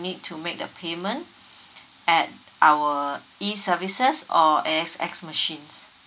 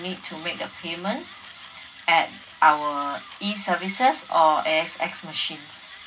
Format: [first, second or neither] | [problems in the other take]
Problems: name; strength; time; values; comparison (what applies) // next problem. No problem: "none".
first | background sound (Mechanisms); 19 dB below the speech // room echo; dies away in 0.4 s